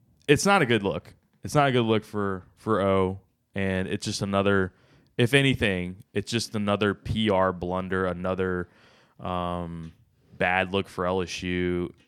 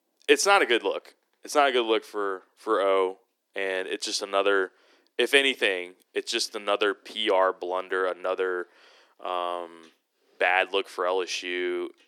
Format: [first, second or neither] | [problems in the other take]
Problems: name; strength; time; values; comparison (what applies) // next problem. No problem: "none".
first | thin; very; fading below 300 Hz